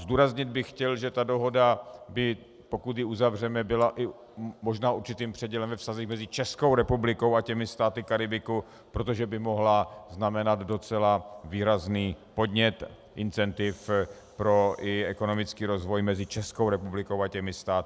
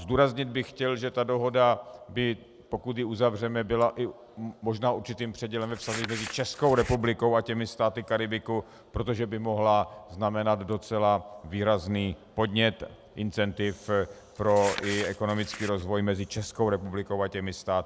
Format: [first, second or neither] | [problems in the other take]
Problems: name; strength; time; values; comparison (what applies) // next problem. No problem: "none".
first | background sound (Crumpling, crinkling); 13 dB below the speech